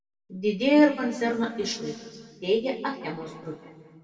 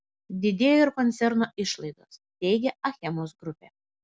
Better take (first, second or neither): second